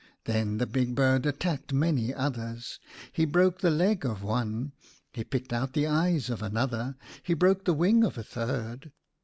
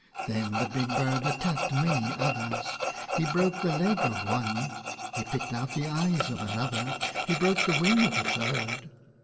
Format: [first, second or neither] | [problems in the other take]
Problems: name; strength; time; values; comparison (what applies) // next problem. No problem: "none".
first | background sound (Tools); 3 dB below the speech // room echo; dies away in 1.5 s